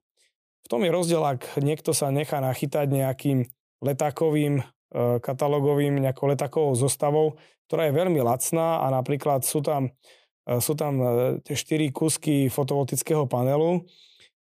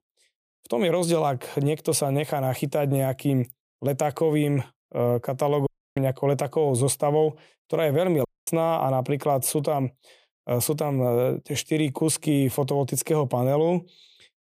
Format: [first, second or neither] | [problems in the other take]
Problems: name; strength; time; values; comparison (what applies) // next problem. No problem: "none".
first | audio cutting out; at 5.5 s and at 8.5 s